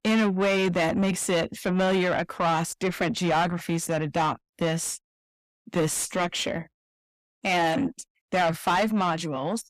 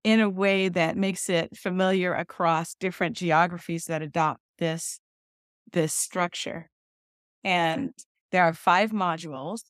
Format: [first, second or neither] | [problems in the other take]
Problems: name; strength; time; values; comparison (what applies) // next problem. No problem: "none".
second | distortion; heavy; 7 dB below the speech